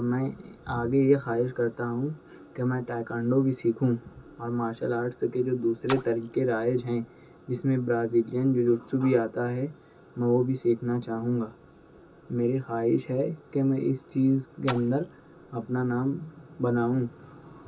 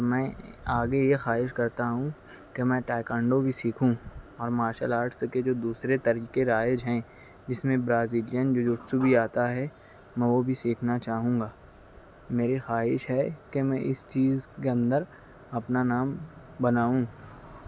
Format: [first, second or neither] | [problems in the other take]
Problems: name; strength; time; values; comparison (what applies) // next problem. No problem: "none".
second | background sound (Splash, splatter); 14 dB below the speech // room echo; dies away in 0.2 s